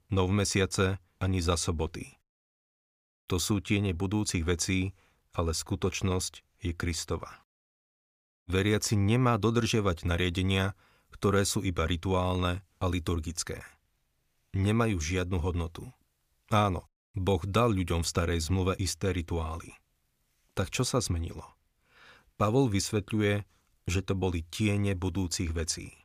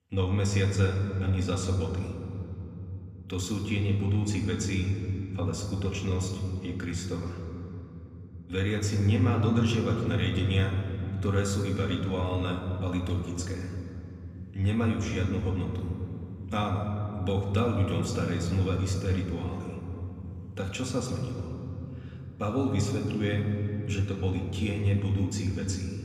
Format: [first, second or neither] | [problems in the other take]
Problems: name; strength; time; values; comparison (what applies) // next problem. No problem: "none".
first | room echo; noticeable; dies away in 3 s // off-mic speech; somewhat distant